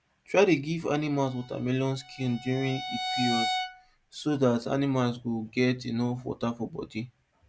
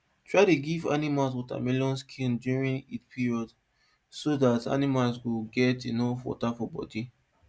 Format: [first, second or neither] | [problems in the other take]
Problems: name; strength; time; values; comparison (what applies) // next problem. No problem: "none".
second | background sound (Bowed string instrument); 7 dB below the speech